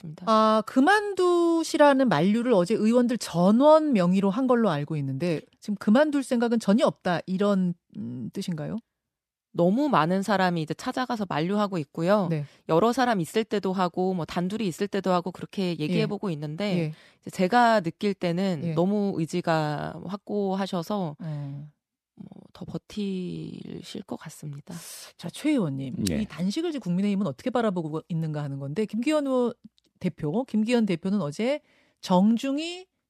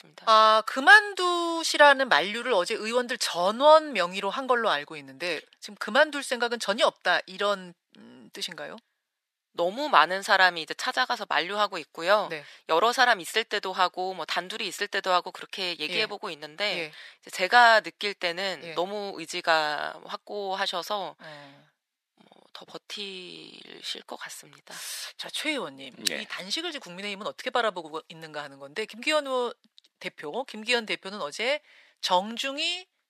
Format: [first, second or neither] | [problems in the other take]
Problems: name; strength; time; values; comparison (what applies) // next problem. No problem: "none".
first | thin; very; fading below 650 Hz